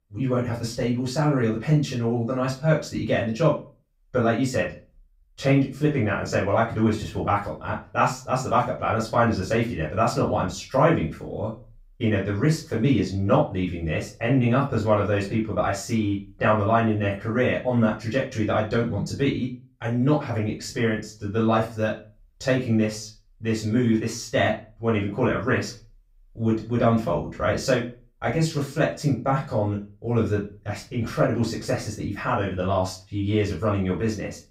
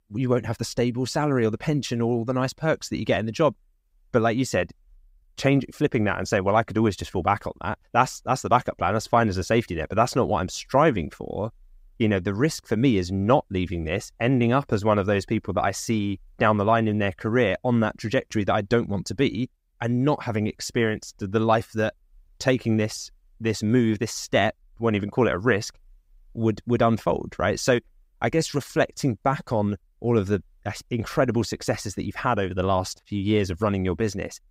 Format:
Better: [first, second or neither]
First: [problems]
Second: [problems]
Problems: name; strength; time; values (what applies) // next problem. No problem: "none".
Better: second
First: off-mic speech; far // room echo; slight; dies away in 0.3 s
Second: none